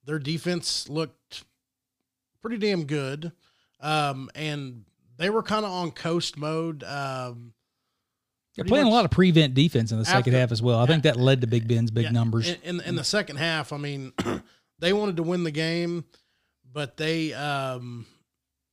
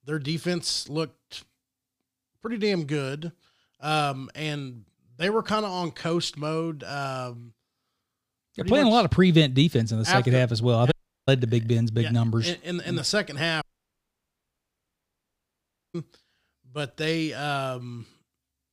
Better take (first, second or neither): first